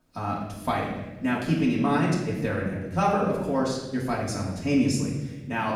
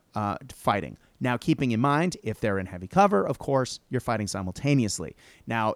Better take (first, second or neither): second